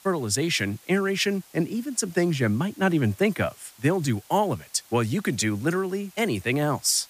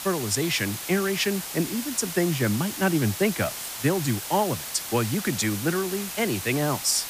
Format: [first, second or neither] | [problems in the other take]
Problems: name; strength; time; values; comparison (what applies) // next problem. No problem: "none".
first | hiss; loud; throughout; 6 dB below the speech; faint in the first